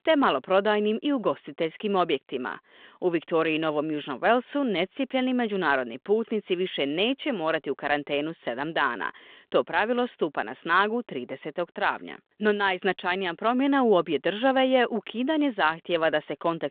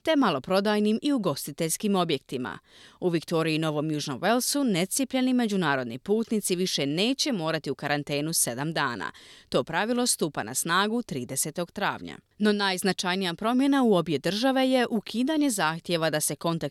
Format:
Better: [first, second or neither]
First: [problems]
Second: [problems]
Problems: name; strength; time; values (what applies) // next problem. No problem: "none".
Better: second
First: phone-call audio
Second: none